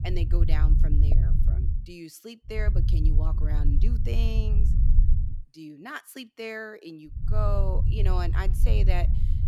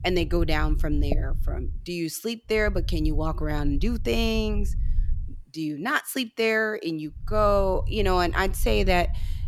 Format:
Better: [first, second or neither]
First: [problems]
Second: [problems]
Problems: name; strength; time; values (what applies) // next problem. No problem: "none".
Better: second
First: low rumble; loud; until 2 s, from 2.5 to 5.5 s and from 7 s on; 6 dB below the speech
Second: low rumble; faint; until 2 s, from 2.5 to 5.5 s and from 7 s on; 25 dB below the speech